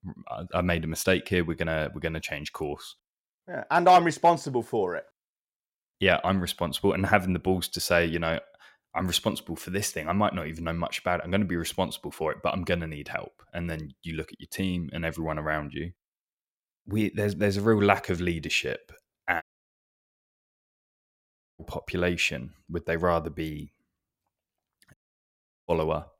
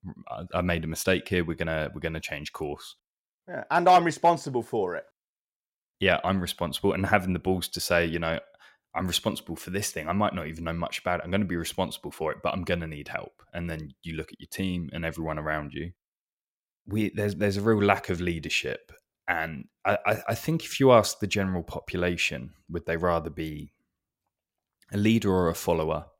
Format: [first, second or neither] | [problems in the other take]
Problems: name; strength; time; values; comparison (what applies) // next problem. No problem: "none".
second | audio cutting out; at 19 s for 2 s and at 25 s for 0.5 s